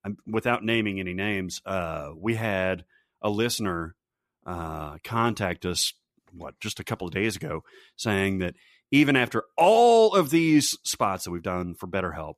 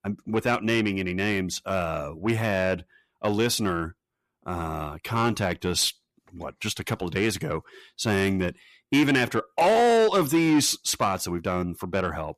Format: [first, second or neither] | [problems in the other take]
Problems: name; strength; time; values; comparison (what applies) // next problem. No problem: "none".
first | distortion; slight; 10 dB below the speech